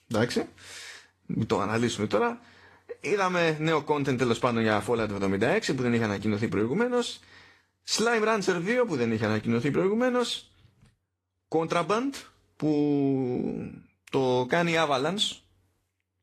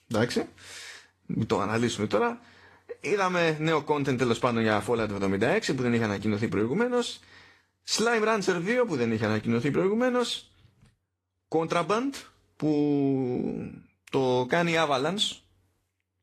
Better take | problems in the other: neither | garbled, watery; slightly; nothing above 13 kHz; the same in both

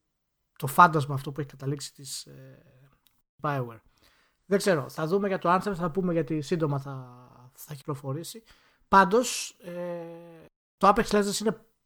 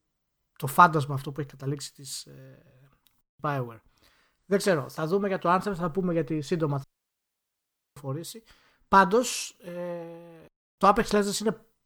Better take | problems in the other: first | audio cutting out; at 7 s for 1 s

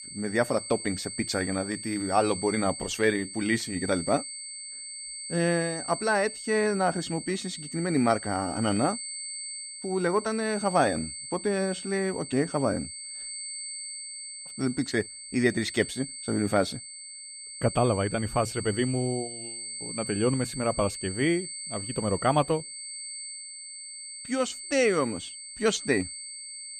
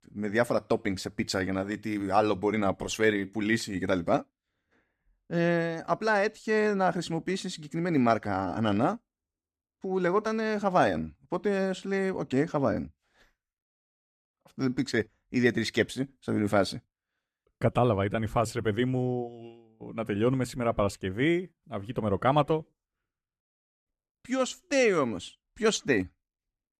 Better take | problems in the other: second | high-pitched whine; loud; throughout; 8 kHz, 8 dB below the speech

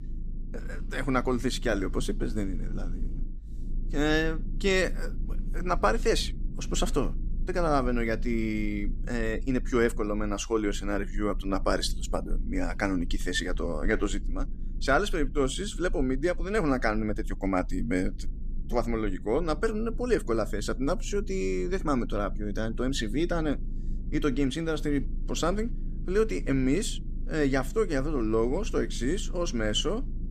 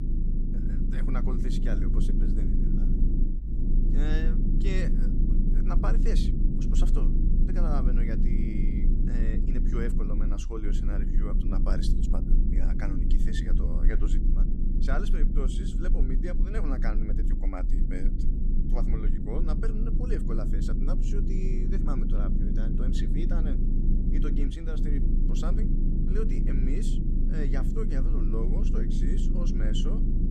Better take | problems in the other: first | low rumble; loud; throughout; as loud as the speech; faint in the first

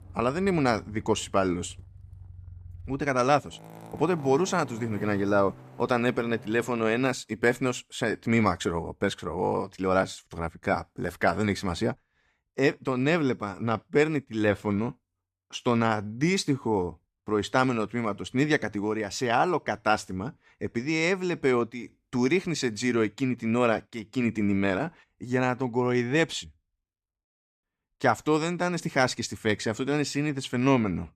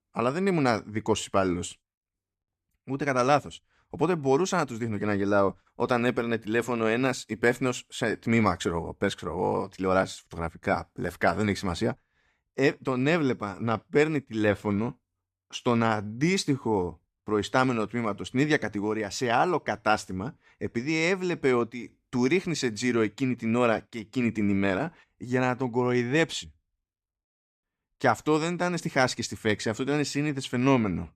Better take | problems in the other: second | traffic noise; noticeable; until 7 s; 20 dB below the speech

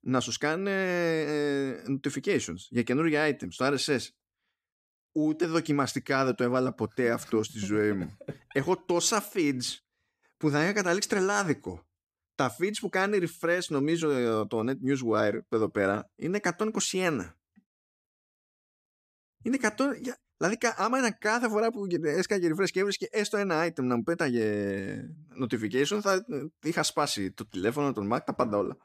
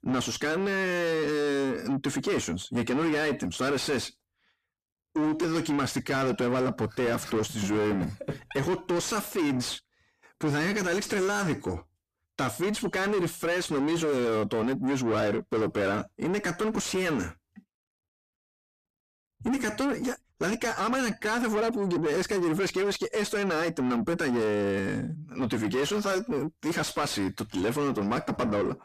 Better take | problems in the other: first | distortion; heavy; 6 dB below the speech

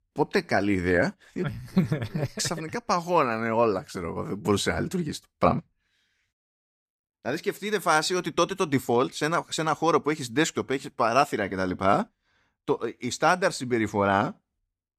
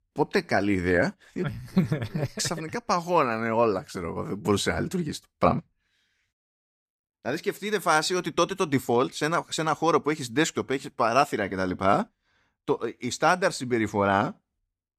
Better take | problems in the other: neither | none

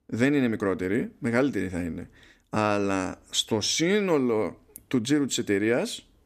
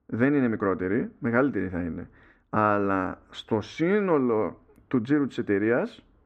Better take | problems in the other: first | muffled; very; fading above 3.5 kHz

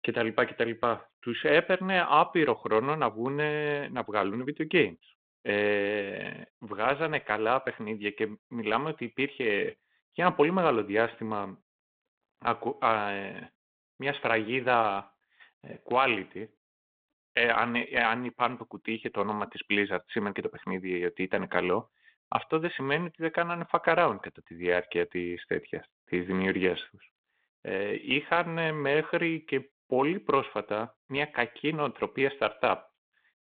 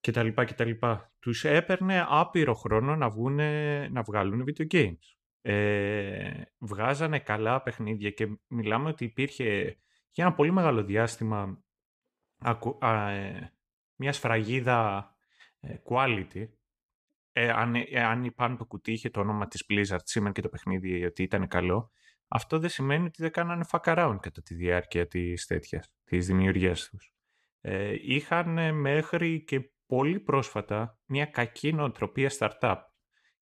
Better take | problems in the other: second | phone-call audio

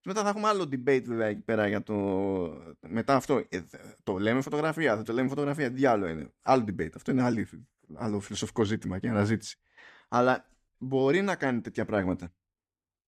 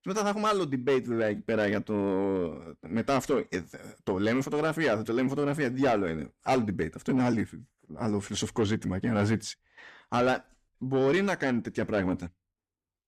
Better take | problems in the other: first | distortion; slight; 10 dB below the speech

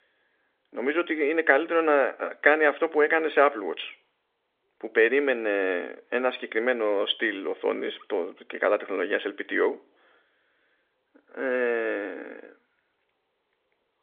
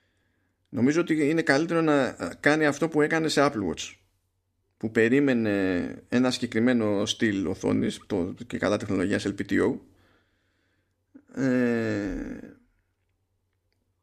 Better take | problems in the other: second | phone-call audio; nothing above 3.5 kHz

